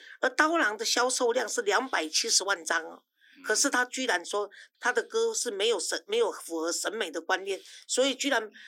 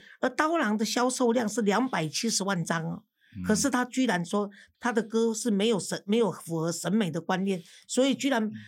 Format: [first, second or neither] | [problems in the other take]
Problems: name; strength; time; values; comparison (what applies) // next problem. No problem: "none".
second | thin; somewhat; fading below 300 Hz